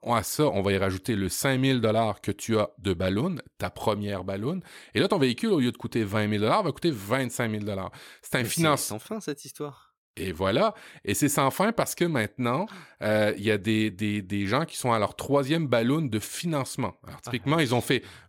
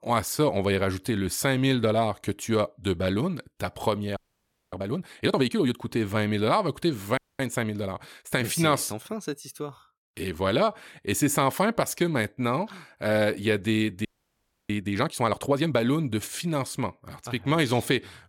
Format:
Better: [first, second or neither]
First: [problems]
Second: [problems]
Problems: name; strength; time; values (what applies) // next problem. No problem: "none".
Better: first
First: none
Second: audio freezing; at 4 s for 0.5 s, at 7 s and at 14 s for 0.5 s